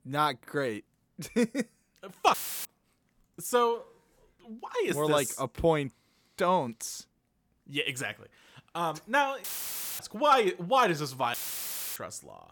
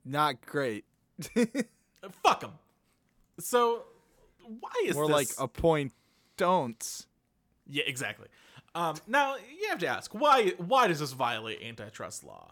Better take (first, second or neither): second